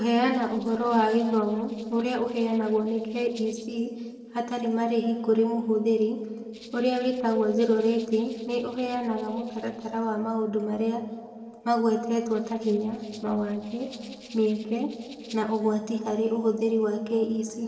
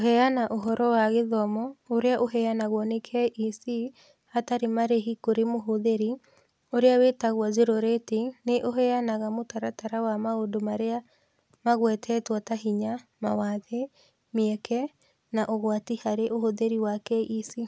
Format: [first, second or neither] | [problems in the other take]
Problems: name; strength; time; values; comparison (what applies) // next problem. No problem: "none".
second | noise reduction (neural separator model SepFormer DNS4)